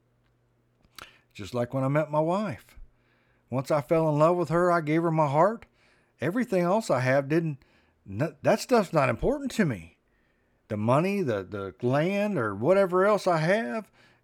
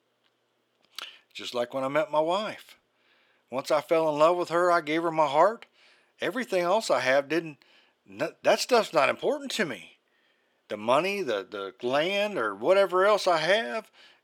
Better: first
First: none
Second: thin; somewhat; fading below 400 Hz

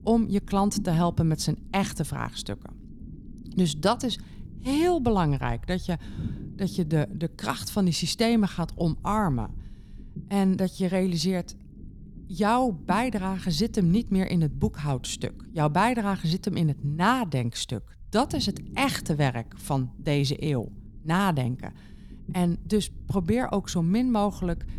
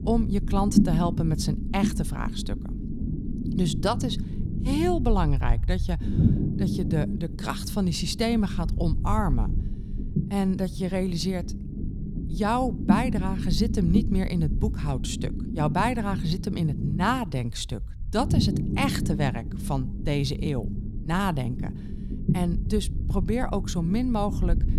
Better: first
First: low rumble; faint; throughout; 20 dB below the speech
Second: low rumble; loud; throughout; 8 dB below the speech

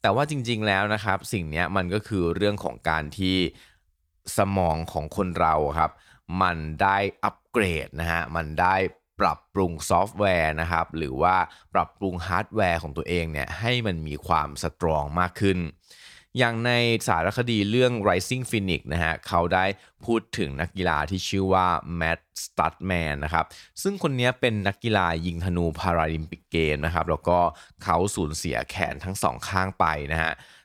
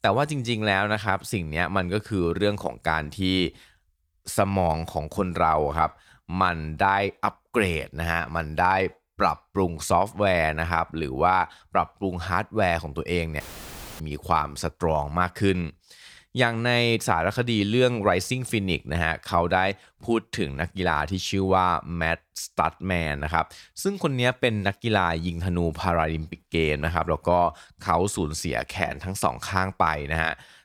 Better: first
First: none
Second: audio cutting out; filled with static; at 13 s for 0.5 s

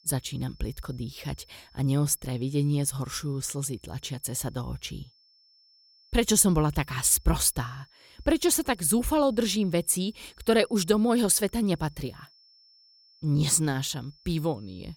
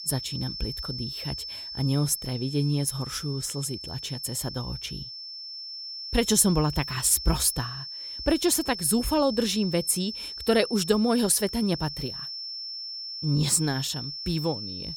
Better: first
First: high-pitched whine; faint; throughout; 5.5 kHz, 30 dB below the speech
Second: high-pitched whine; loud; throughout; 5.5 kHz, 8 dB below the speech

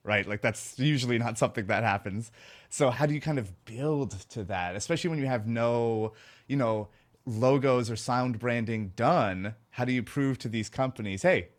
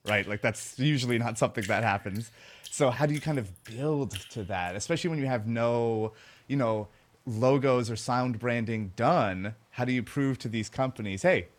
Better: first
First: none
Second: rain or running water; noticeable; throughout; 20 dB below the speech

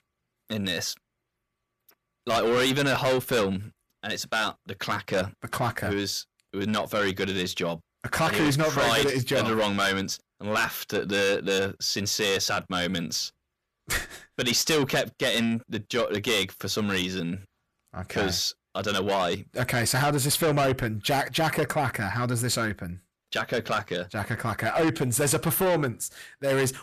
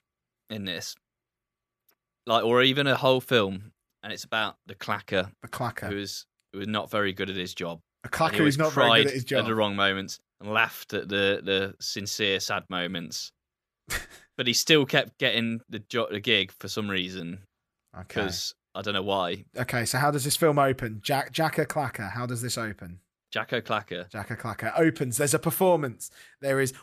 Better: second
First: distortion; heavy; 5 dB below the speech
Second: none

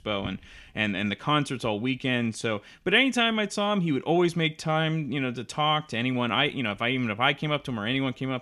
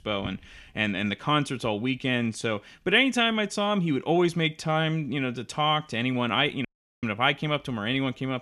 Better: first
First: none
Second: audio cutting out; at 6.5 s

